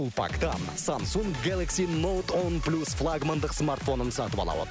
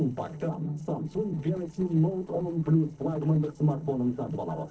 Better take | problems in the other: first | noise reduction (neural separator model SepFormer DNS4)

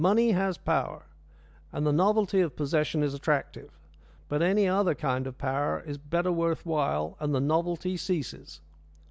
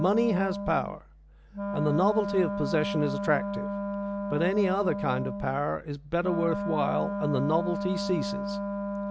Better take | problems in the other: first | background sound (Wind instrument, woodwind instrument); 4 dB below the speech

